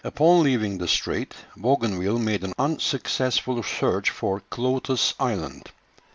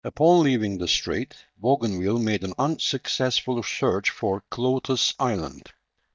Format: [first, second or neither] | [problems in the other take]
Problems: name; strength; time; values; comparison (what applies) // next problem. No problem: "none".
first | noise reduction (neural mask model DeepFilterNet 3)